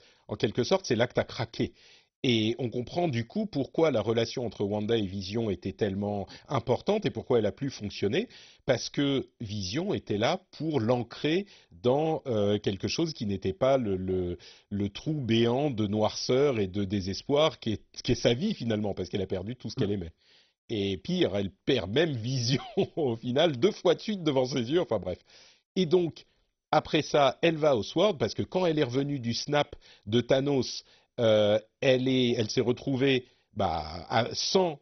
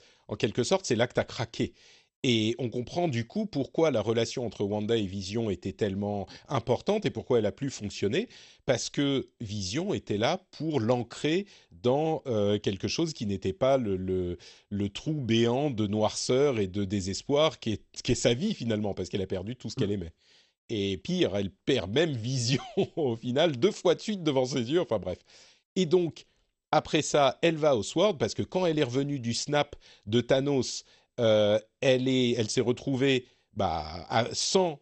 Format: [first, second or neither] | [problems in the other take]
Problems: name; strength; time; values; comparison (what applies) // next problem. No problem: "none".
second | garbled, watery; badly; nothing above 6 kHz; slightly in the second